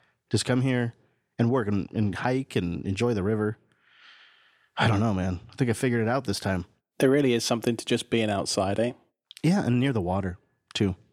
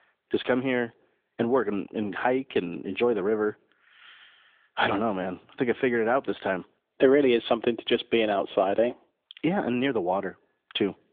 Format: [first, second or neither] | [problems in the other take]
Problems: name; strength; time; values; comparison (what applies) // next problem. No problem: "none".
first | phone-call audio; nothing above 3.5 kHz